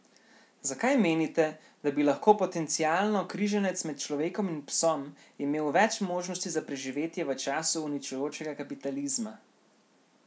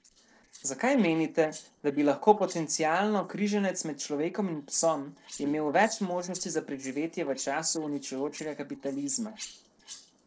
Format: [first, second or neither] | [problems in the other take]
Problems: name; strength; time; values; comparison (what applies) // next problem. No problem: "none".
first | noise reduction (neural separator model SepFormer DNS4)